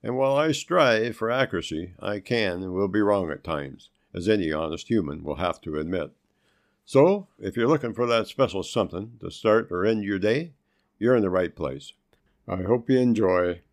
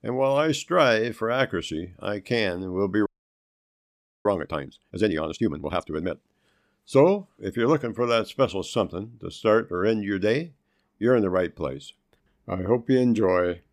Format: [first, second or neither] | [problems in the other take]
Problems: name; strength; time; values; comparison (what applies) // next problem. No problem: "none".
first | audio freezing; at 3 s for 1 s